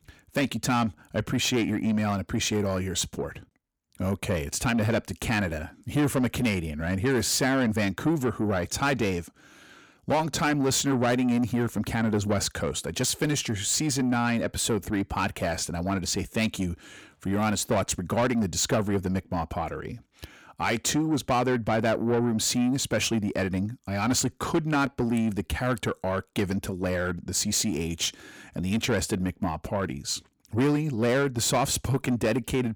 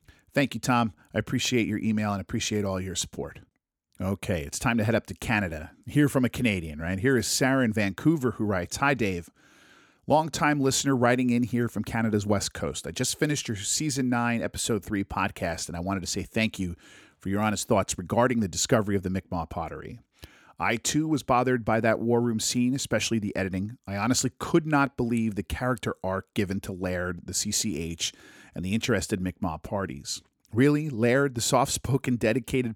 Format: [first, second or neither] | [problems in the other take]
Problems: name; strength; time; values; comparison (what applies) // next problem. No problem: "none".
second | distortion; slight; 10 dB below the speech